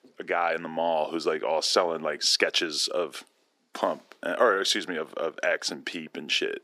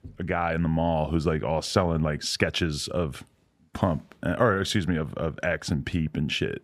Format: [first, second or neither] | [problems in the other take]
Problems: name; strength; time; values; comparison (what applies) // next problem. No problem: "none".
second | thin; very; fading below 350 Hz